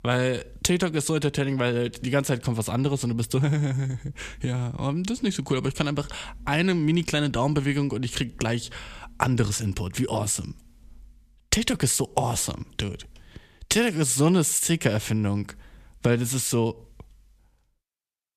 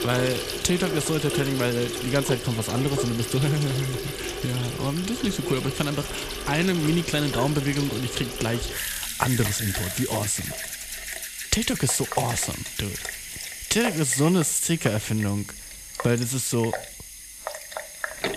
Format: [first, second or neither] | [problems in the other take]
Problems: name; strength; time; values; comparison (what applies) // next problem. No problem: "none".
first | household noises; loud; throughout; 6 dB below the speech